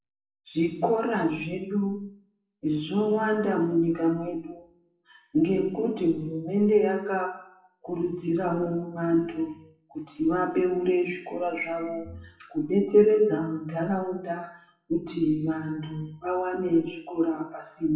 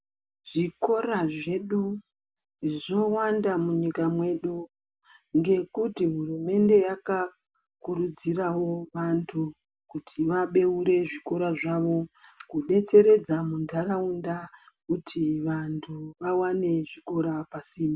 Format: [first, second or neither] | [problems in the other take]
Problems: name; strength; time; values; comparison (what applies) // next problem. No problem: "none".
second | noise reduction (classical method WPE with log-MMSE)